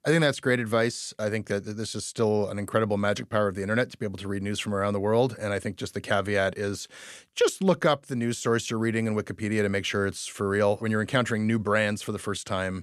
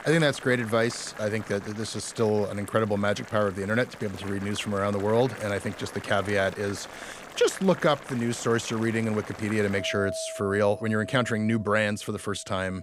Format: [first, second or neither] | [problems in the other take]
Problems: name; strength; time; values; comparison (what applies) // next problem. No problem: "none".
first | household noises; noticeable; throughout; 15 dB below the speech